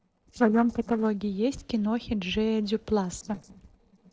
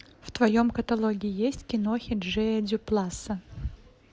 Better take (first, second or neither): second